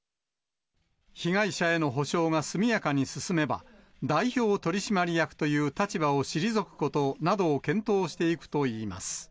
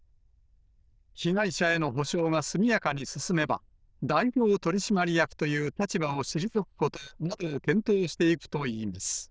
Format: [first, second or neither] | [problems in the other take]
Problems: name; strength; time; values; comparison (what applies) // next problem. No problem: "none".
first | noise reduction (neural diffusion model UNIVERSE++)